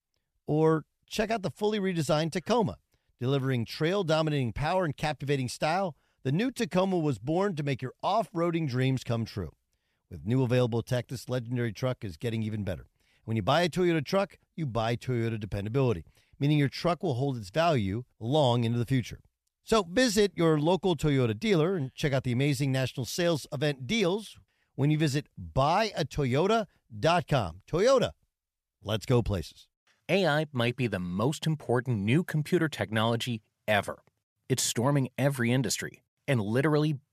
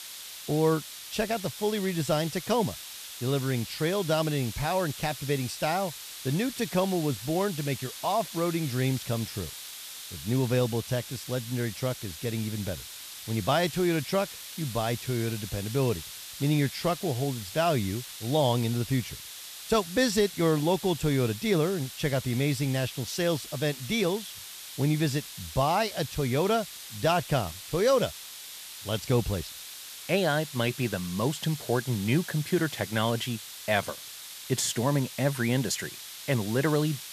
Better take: first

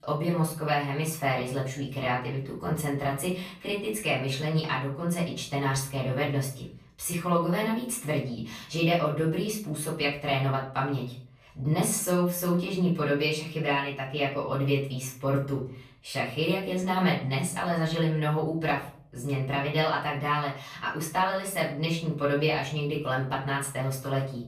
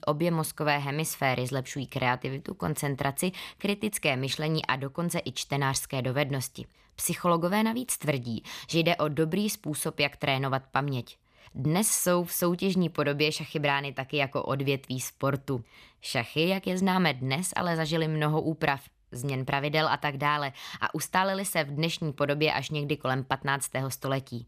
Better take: second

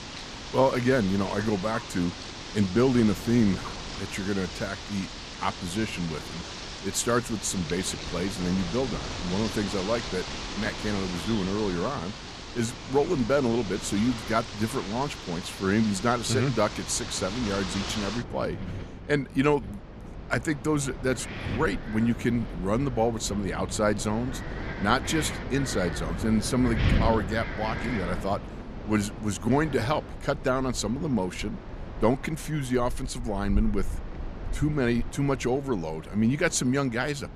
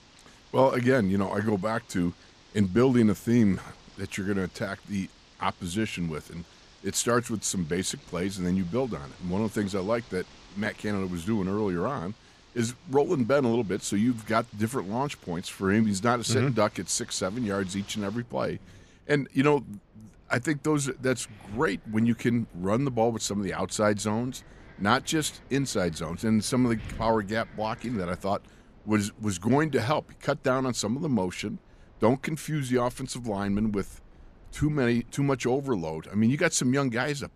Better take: second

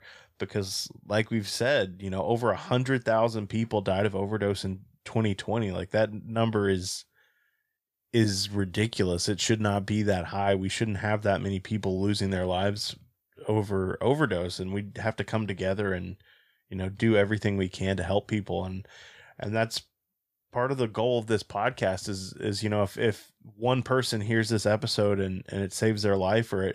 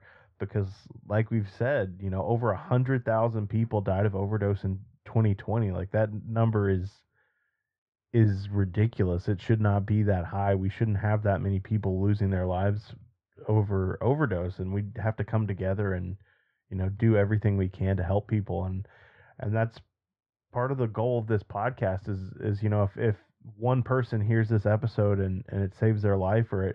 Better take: first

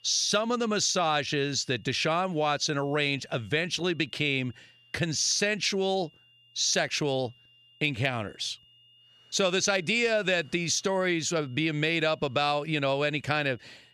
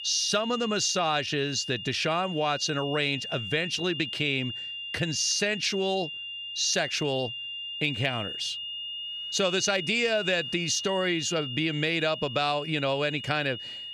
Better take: first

